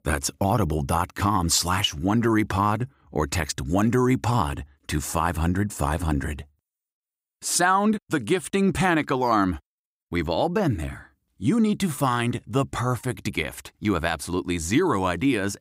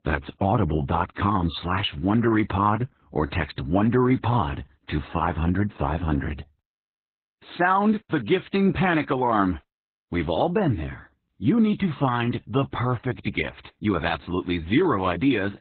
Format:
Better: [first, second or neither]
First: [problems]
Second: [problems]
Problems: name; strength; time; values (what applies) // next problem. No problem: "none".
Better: first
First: none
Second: garbled, watery; badly; nothing above 4 kHz